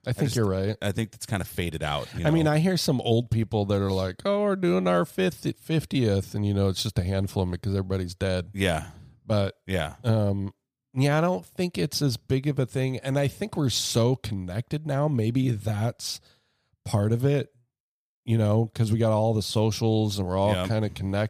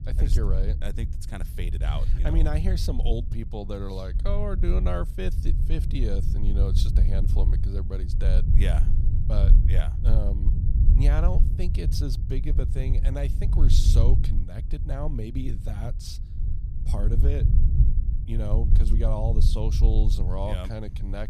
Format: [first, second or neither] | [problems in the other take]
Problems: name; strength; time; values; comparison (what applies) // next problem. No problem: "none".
first | low rumble; loud; throughout; 6 dB below the speech